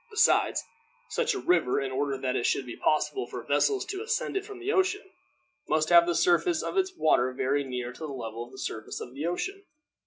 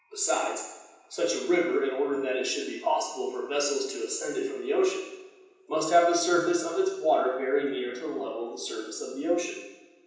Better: first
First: none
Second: room echo; dies away in 0.9 s

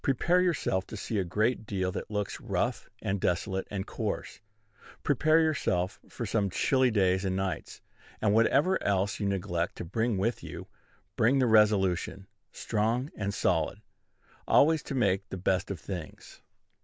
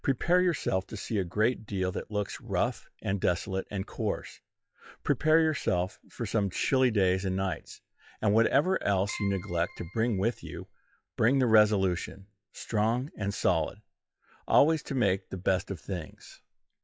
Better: first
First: none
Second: noise reduction (classical method log-MMSE)

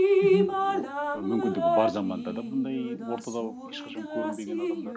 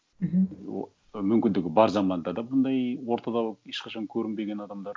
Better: second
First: background sound (Drip); 4 dB above the speech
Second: none

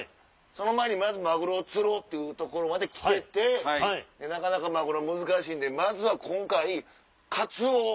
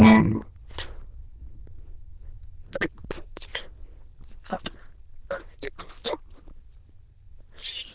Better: first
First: none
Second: noise reduction (neural diffusion model UNIVERSE++)

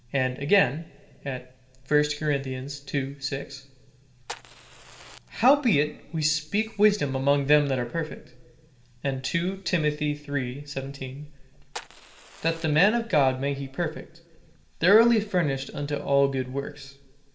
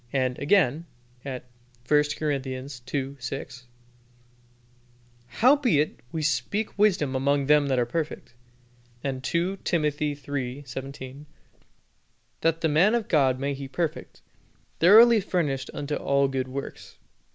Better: second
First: background sound (Fire); 18 dB below the speech // room echo; dies away in 1.2 s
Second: none

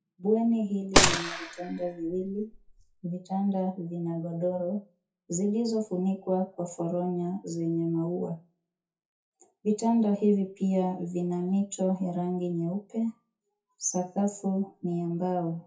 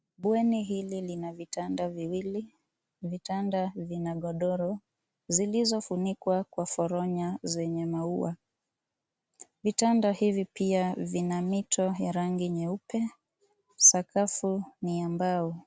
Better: second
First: noise reduction (classical method WPE with log-MMSE)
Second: none

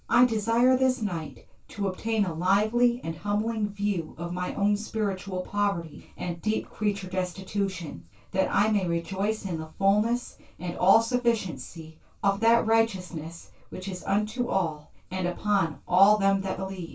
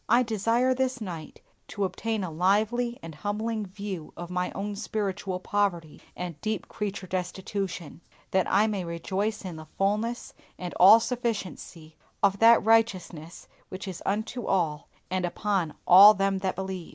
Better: second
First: room echo; dies away in 0.2 s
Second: none

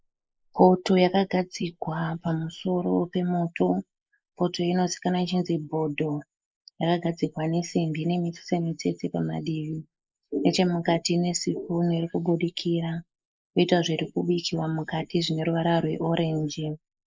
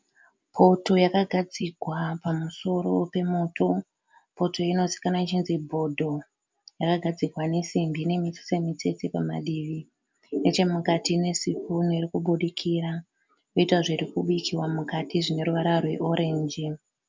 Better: second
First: noise reduction (neural mask model Resemble Enhance denoiser)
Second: none

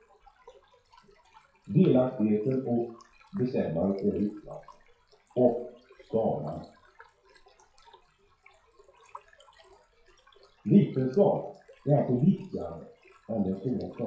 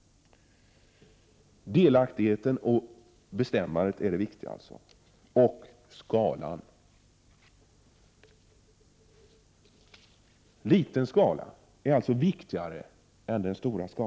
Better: second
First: noise reduction (classical method WPE with log-MMSE)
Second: none

